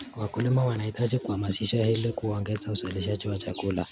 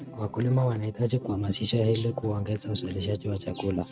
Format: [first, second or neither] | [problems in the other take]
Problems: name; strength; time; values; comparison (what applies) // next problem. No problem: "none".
first | noise reduction (neural mask model RNNoise)